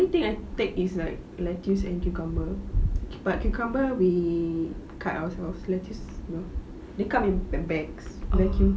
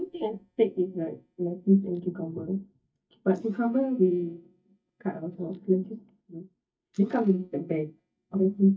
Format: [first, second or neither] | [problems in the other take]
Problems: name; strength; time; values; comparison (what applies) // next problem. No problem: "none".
first | noise reduction (neural mask model DeepFilterNet 3)